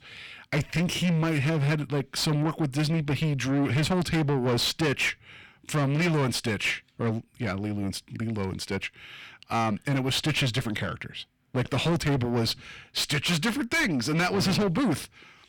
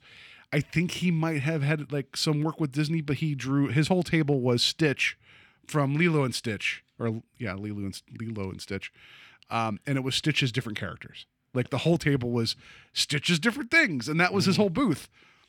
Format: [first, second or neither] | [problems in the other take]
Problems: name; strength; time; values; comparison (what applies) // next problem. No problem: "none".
second | distortion; heavy; 5 dB below the speech